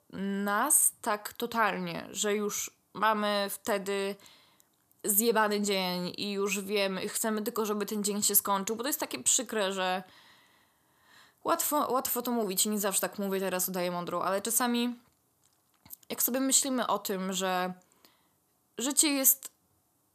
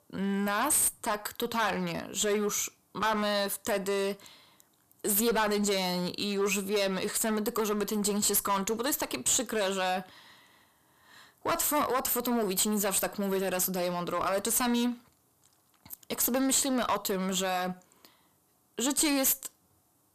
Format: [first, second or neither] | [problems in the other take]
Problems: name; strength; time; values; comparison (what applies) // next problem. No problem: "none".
first | distortion; heavy; 9% of the sound clipped